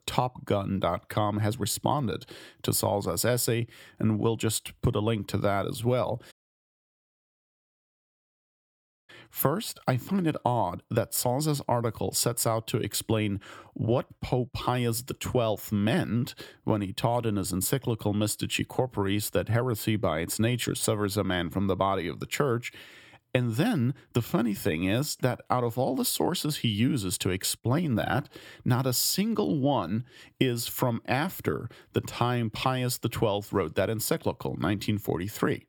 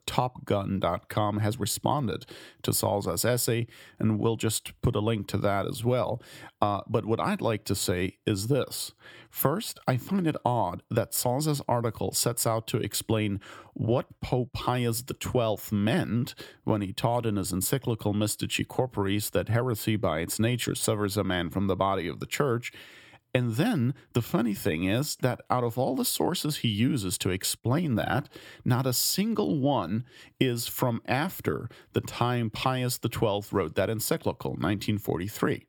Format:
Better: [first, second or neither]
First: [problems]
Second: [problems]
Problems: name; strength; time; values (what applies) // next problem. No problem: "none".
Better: second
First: audio cutting out; at 6.5 s for 3 s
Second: none